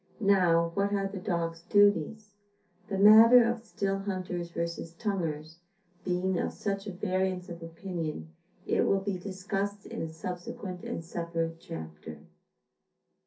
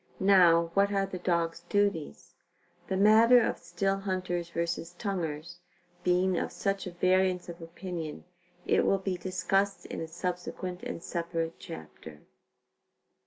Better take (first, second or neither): second